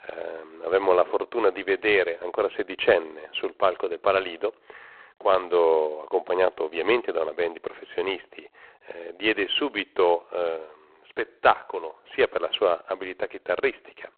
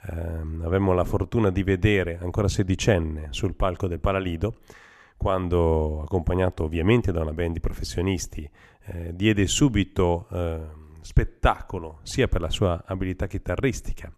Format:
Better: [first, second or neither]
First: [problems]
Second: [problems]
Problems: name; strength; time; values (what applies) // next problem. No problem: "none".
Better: second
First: phone-call audio; poor line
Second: none